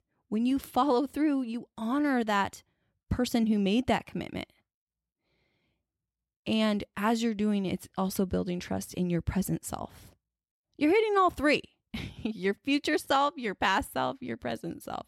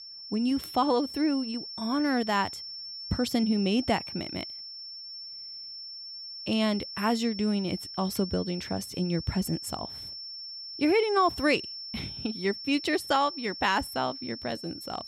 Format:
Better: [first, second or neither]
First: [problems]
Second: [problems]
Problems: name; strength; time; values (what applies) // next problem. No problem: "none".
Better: first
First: none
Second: high-pitched whine; loud; throughout; 5.5 kHz, 9 dB below the speech